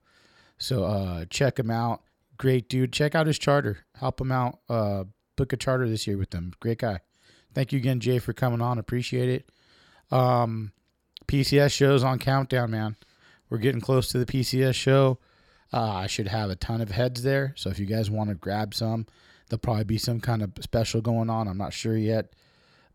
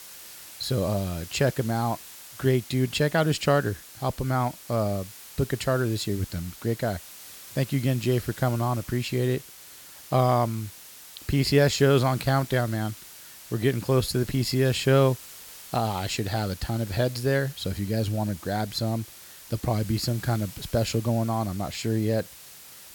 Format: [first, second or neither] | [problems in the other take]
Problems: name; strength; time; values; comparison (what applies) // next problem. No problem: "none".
first | hiss; noticeable; throughout; 15 dB below the speech